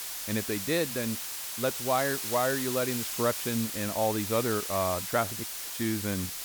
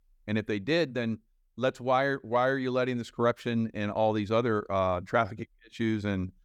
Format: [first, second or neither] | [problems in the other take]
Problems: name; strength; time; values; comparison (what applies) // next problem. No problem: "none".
second | hiss; loud; throughout; 3 dB below the speech